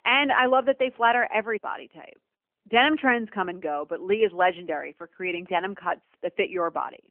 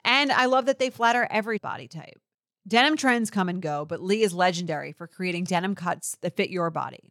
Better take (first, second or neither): second